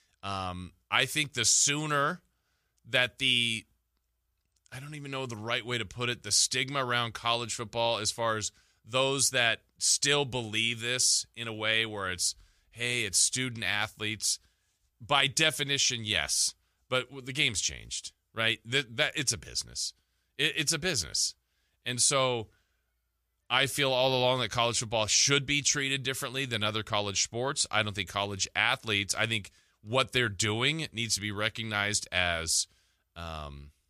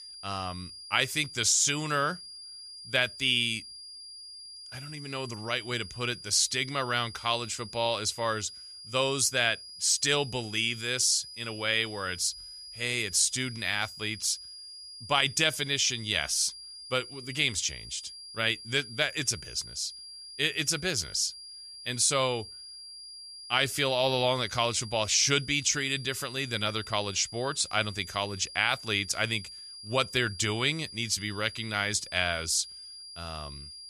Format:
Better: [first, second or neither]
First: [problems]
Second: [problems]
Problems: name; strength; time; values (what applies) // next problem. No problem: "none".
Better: first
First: none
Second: high-pitched whine; noticeable; throughout; 5 kHz, 15 dB below the speech